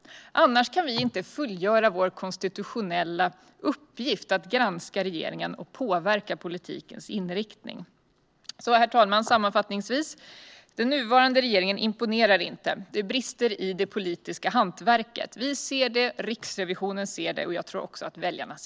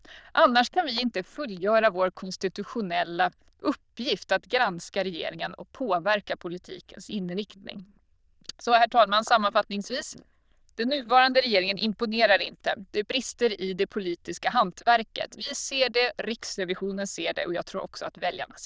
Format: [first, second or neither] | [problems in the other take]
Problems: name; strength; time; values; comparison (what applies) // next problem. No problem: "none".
first | noise reduction (neural diffusion model UNIVERSE++)